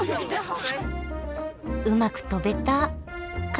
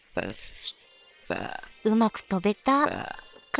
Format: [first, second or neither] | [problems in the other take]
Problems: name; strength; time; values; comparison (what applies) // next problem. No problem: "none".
first | noise reduction (neural separator model SepFormer WHAM!)